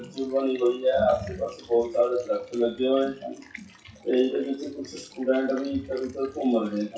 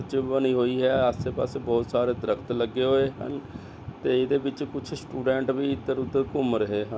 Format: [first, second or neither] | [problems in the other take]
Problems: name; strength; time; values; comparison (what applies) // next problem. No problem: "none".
second | noise reduction (classical method WPE with log-MMSE)